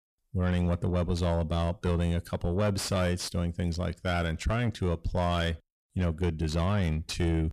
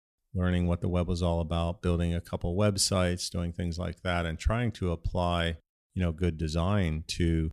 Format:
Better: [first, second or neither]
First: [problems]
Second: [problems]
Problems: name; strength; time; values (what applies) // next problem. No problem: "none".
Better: second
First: distortion; slight; 10 dB below the speech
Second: none